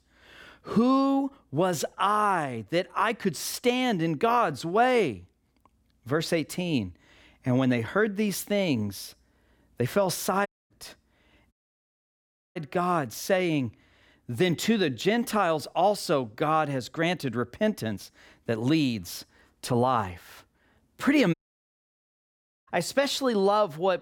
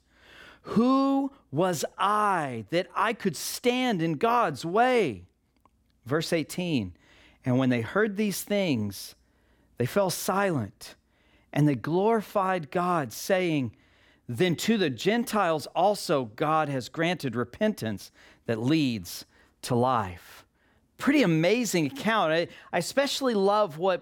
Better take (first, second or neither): second